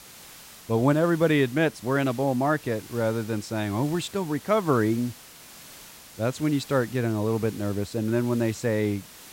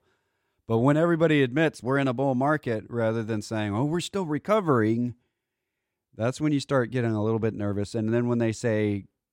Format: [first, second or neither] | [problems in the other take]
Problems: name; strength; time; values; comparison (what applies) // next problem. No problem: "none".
second | hiss; noticeable; throughout; 20 dB below the speech